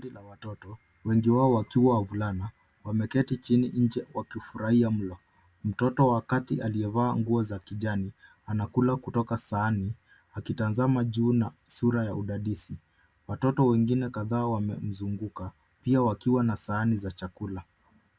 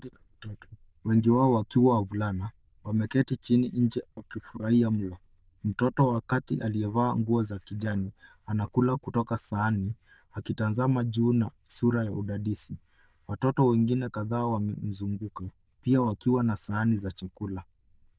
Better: first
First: none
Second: noise reduction (neural diffusion model UNIVERSE++)

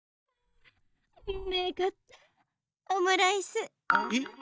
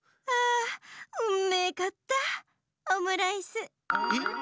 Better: second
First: noise reduction (neural mask model DeepFilterNet 3)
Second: none

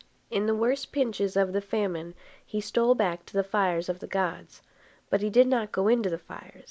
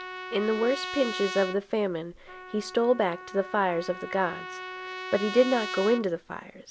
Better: first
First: none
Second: background sound (Trumpet); 10 dB below the speech

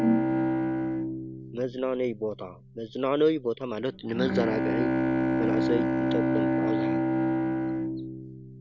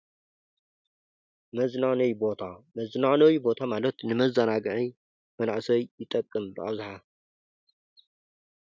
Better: second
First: background sound (Bowed string instrument + Brass instrument); 4 dB above the speech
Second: none

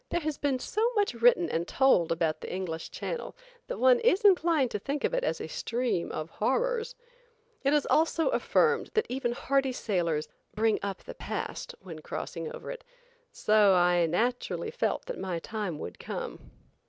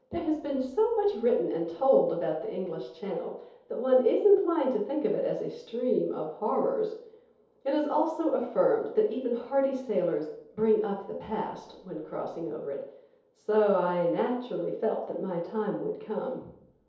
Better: first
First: none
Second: room echo; dies away in 0.8 s

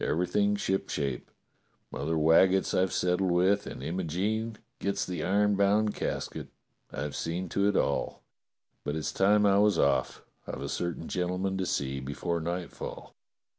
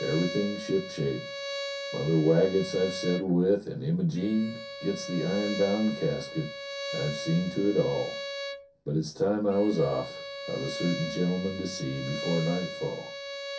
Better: first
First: none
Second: background sound (Bowed string instrument); 9 dB below the speech // room echo; dies away in 0.3 s

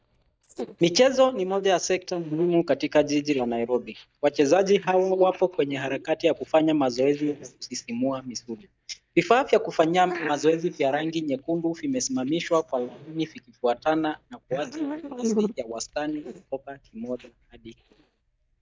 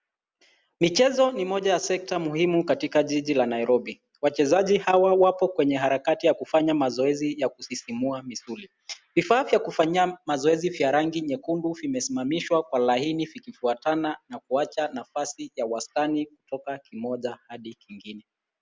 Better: second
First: noise reduction (neural mask model DeepFilterNet 3)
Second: none

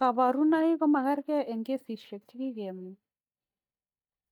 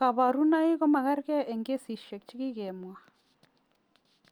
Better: second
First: noise reduction (neural mask model DeepFilterNet 3)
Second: none

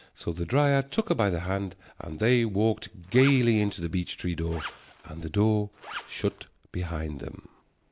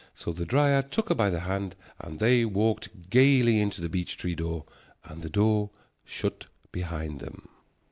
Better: second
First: background sound (Zipper (clothing)); 14 dB below the speech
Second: none

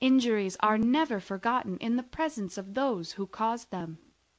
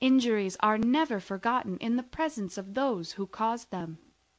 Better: second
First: noise reduction (neural mask model Resemble Enhance denoiser)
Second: none

